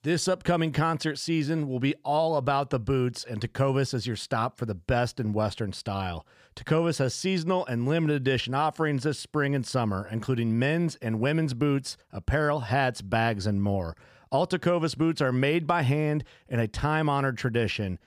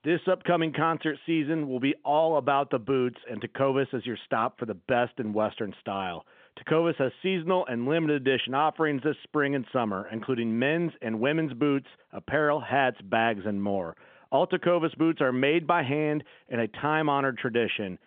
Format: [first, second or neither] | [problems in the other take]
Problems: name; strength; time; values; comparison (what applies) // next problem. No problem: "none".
first | phone-call audio; nothing above 3.5 kHz